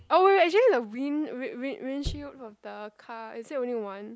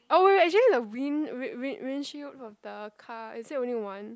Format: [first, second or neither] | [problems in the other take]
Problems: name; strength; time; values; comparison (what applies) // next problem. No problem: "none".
second | background sound (Thump, thud); 19 dB below the speech